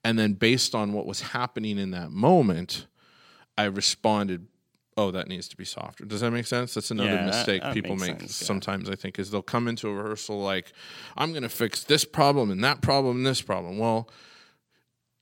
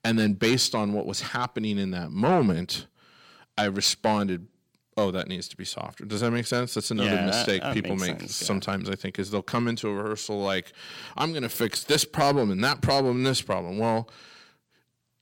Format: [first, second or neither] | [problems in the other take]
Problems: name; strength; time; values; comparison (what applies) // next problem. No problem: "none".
first | distortion; slight; 10 dB below the speech